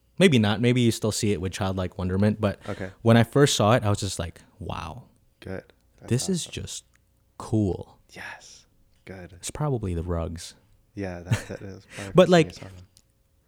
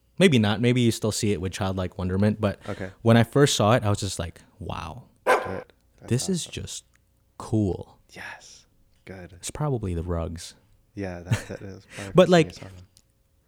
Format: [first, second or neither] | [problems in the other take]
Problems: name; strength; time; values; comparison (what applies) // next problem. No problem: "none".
first | dog barking; loud; at 5.5 s; peak 1 dB above the speech